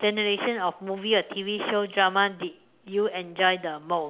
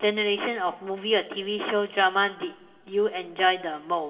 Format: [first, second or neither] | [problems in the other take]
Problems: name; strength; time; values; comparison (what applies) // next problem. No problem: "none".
first | room echo; dies away in 1.4 s